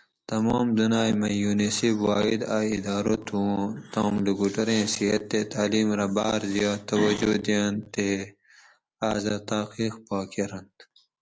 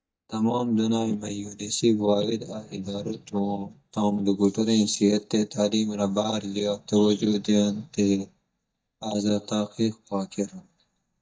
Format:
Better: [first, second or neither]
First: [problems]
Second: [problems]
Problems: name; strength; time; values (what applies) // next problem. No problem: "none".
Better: first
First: none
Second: noise reduction (neural mask model DeepFilterNet 3)